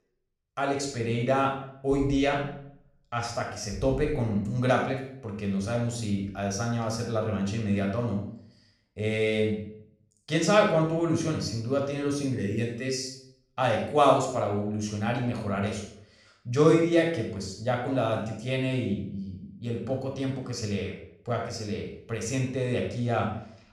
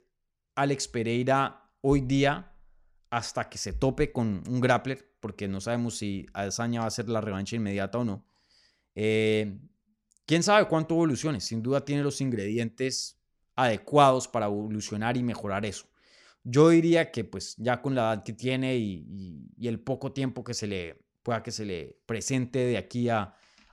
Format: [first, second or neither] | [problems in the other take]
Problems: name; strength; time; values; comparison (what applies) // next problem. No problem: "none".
second | off-mic speech; somewhat distant // room echo; noticeable; dies away in 0.5 s